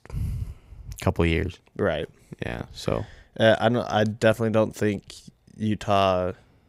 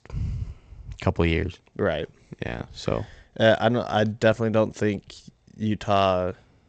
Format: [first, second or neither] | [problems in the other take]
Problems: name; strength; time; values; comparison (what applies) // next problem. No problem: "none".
first | garbled, watery; slightly; nothing above 7.5 kHz